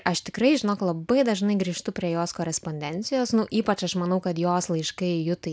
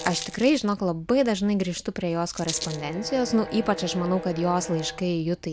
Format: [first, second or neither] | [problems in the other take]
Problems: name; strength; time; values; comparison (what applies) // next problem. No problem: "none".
first | background sound (Bowed string instrument + Rattle); 13 dB below the speech